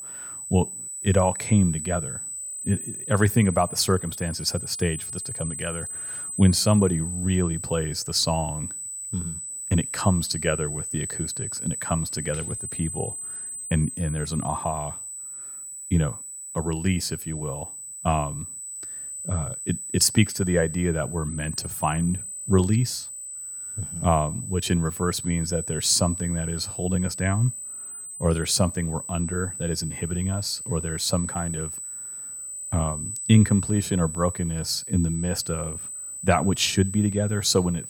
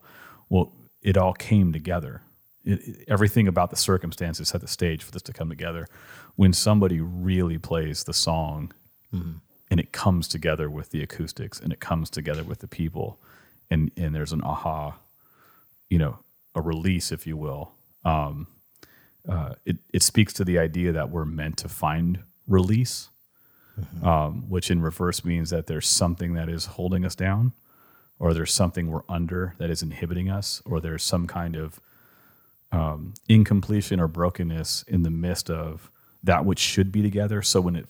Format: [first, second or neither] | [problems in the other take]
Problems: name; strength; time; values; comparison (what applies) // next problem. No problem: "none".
second | high-pitched whine; loud; throughout; 8 kHz, 7 dB below the speech